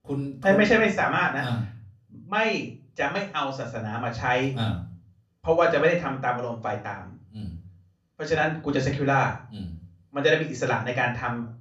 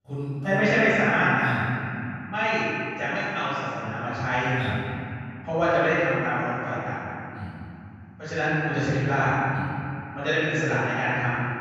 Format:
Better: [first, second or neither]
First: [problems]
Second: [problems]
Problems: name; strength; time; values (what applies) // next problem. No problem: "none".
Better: first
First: room echo; slight; dies away in 0.3 s // off-mic speech; far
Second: room echo; strong; dies away in 2.9 s // off-mic speech; far